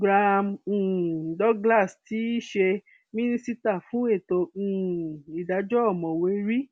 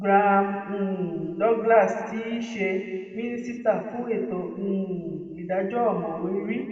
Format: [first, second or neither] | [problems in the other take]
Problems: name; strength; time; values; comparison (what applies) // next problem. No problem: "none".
first | room echo; dies away in 1.8 s